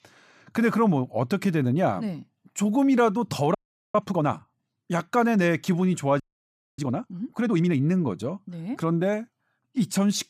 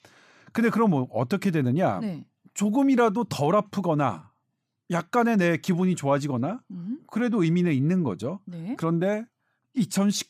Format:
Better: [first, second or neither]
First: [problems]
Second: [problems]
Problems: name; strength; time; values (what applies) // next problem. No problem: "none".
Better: second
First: audio freezing; at 3.5 s and at 6 s for 0.5 s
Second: none